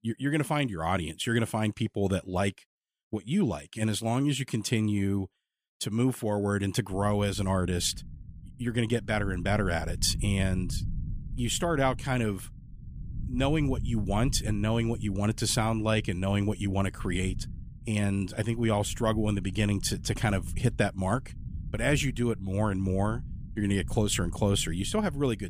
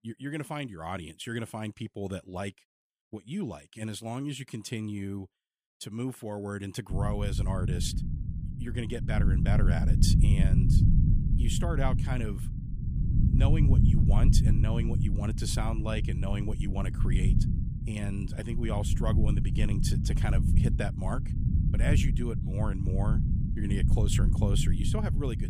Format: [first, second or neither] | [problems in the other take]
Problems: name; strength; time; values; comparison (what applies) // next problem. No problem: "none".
first | low rumble; loud; from 7 s on; 3 dB below the speech; faint in the first